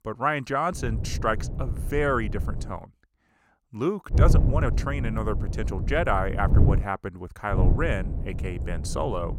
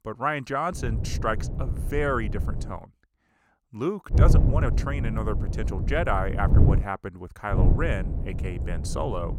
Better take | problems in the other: first | wind noise on the microphone; heavy; from 0.5 to 2.5 s, from 4 to 7 s and from 7.5 s on; 9 dB below the speech; occasional gusts in the first

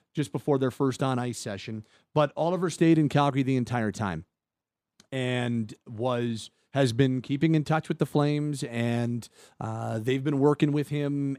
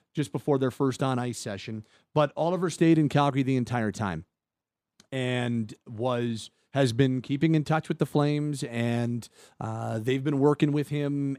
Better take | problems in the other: neither | none

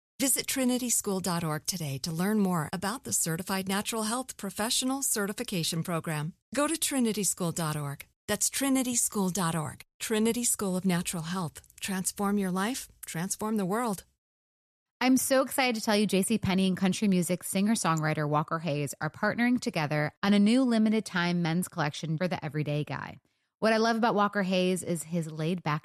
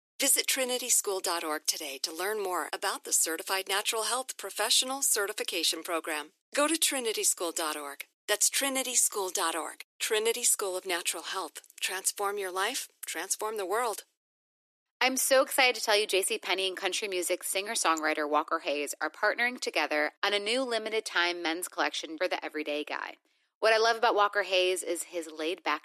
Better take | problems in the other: first | thin; very; fading below 300 Hz

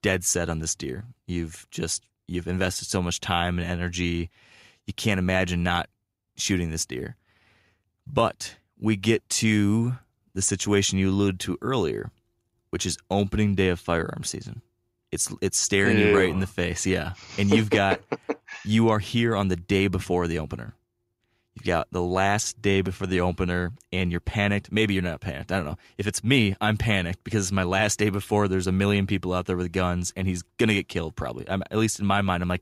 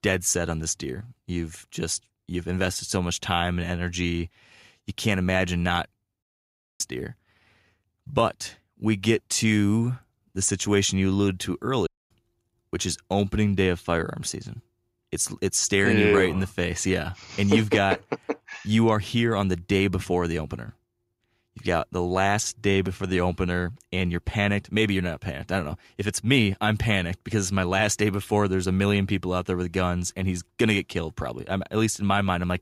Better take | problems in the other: first | audio cutting out; at 6 s for 0.5 s and at 12 s

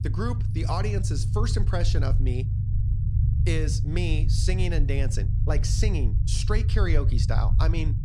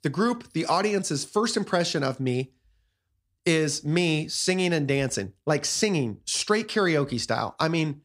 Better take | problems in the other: second | low rumble; loud; throughout; 7 dB below the speech

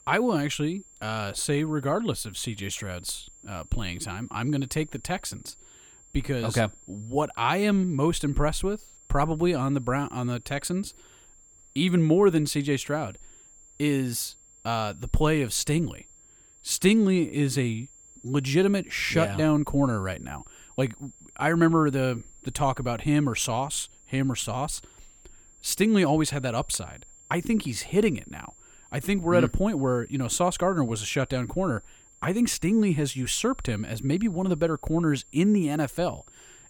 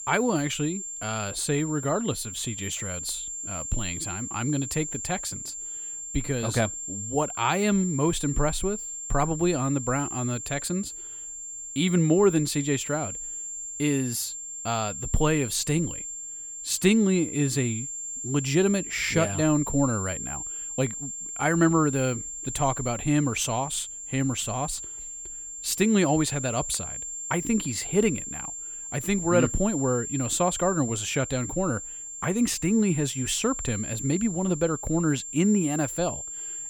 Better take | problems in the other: first | high-pitched whine; loud; throughout; 7.5 kHz, 7 dB below the speech; faint in the first

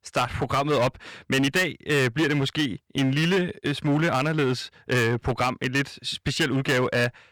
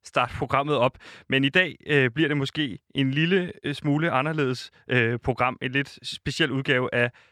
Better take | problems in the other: second | distortion; heavy; 13% of the sound clipped

